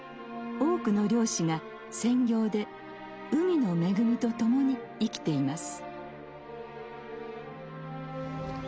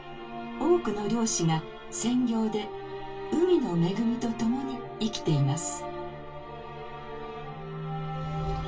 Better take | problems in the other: first | room echo; dies away in 0.1 s

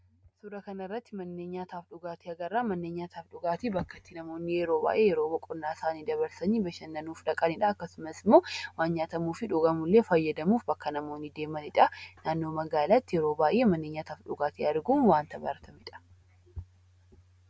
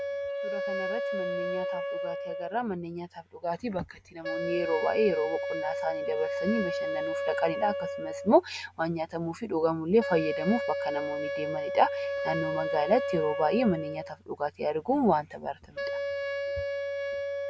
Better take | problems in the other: first | background sound (Wind instrument, woodwind instrument); 3 dB below the speech

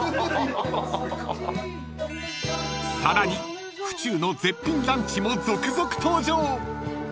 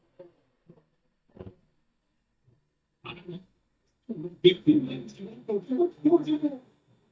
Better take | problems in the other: first | noise reduction (neural mask model DeepFilterNet 3)

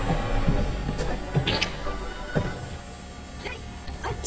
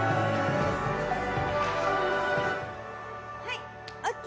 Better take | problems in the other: second | noise reduction (neural mask model DeepFilterNet 3)

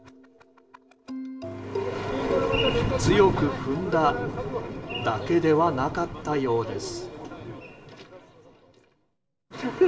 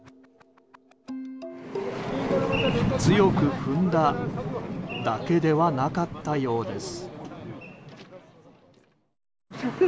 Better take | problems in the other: second | background sound (Engine); 18 dB below the speech // room echo; dies away in 0.5 s

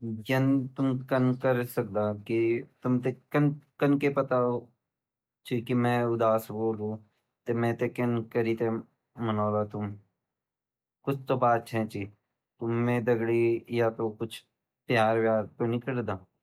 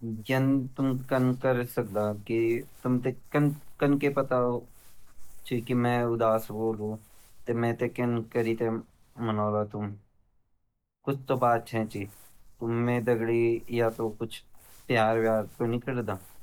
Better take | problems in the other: first | background sound (Crumpling, crinkling); 18 dB below the speech

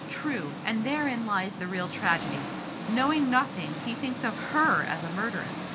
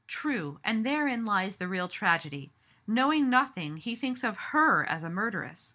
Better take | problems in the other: second | background sound (Engine); 7 dB below the speech

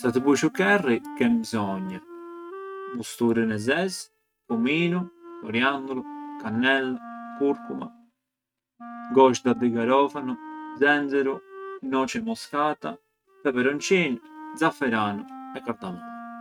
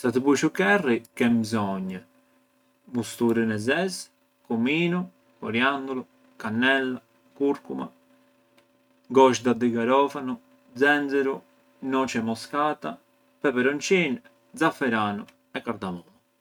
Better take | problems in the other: second | noise reduction (neural mask model RNNoise)

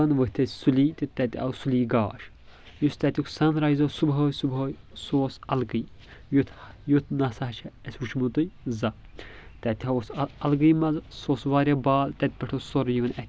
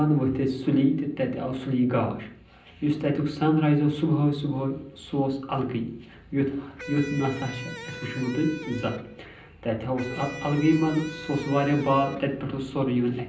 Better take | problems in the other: first | background sound (Electric guitar); 14 dB below the speech // room echo; dies away in 0.6 s

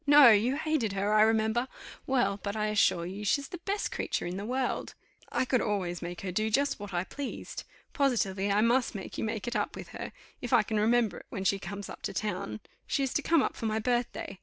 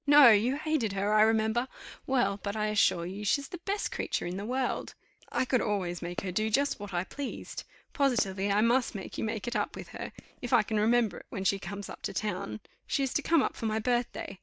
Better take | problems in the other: first | noise reduction (neural mask model DeepFilterNet 3)

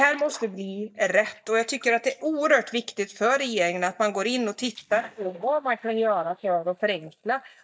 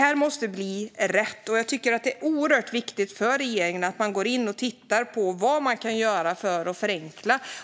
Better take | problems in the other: second | noise reduction (neural mask model DeepFilterNet 3)

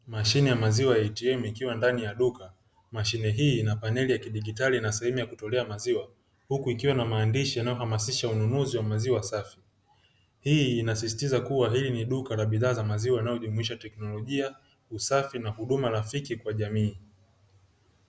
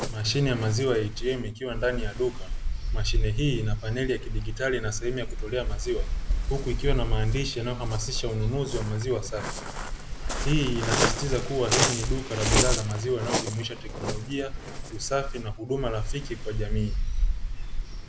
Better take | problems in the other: first | background sound (Waves, surf); 1 dB above the speech

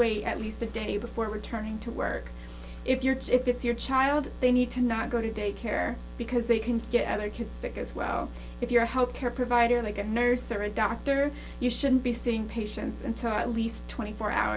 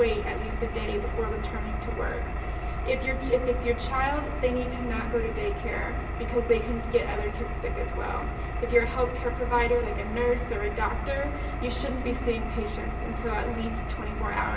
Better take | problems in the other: first | background sound (Engine); 2 dB below the speech // room echo; dies away in 1.3 s

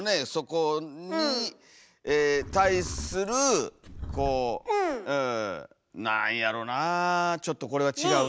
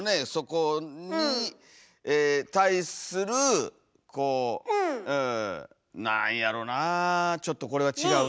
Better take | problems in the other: second | background sound (Livestock, farm animals, working animals); 12 dB below the speech

